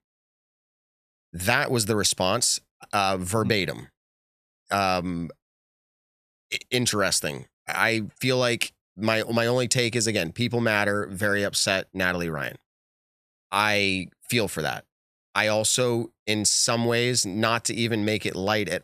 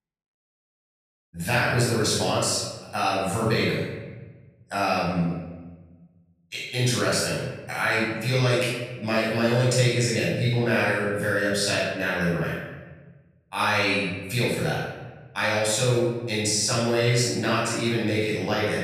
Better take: first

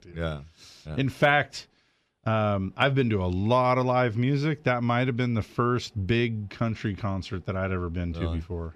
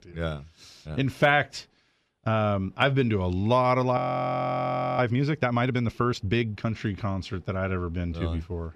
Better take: first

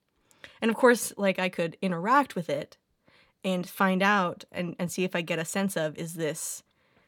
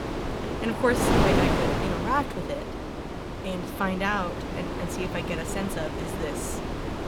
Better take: first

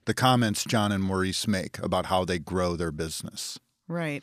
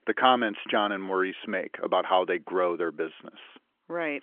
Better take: first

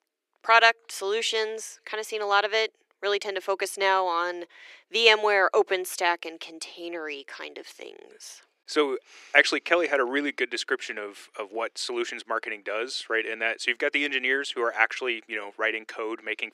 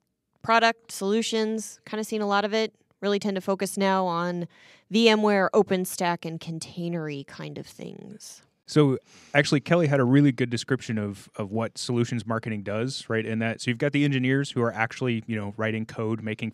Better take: second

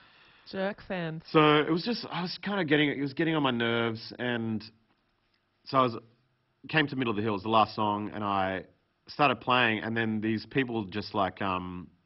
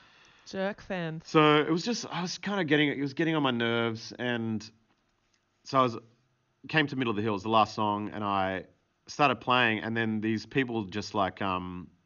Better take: second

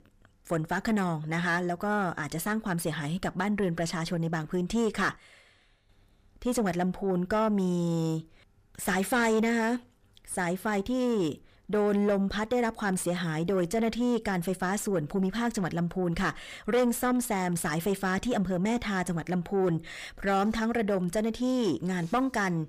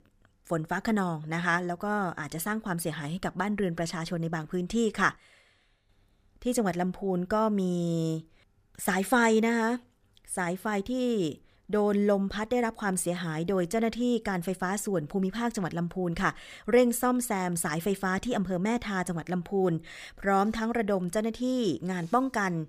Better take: second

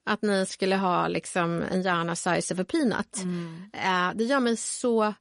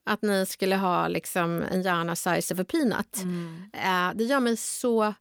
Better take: second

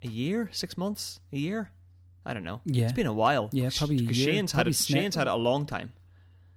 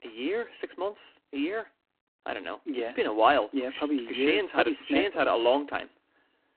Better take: first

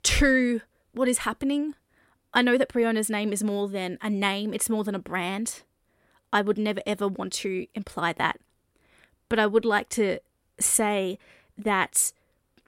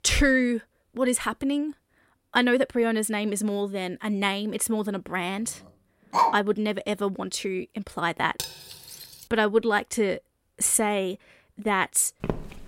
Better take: first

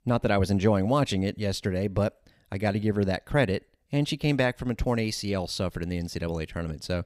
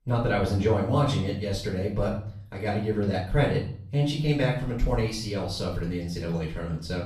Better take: first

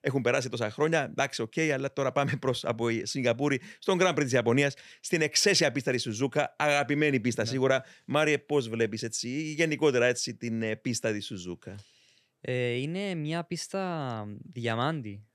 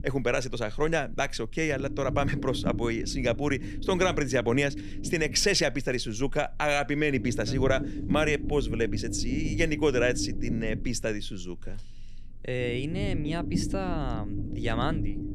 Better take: first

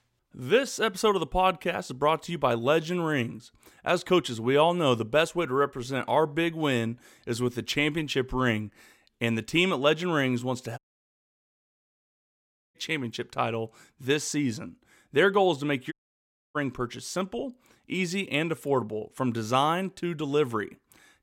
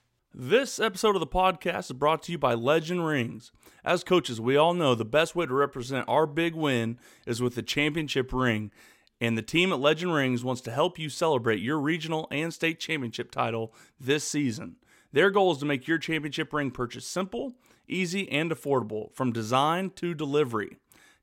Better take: second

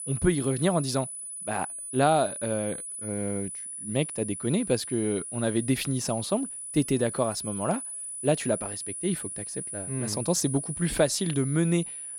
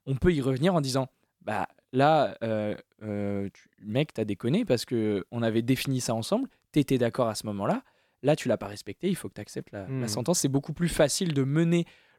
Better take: second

